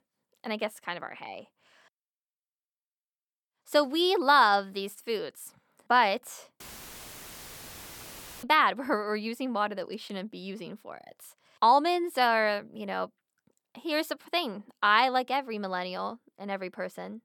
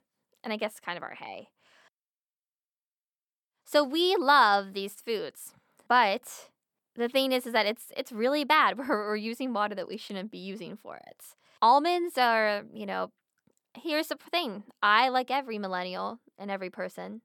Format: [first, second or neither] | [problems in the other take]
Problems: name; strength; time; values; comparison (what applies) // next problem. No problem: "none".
second | audio cutting out; filled with static; at 6.5 s for 2 s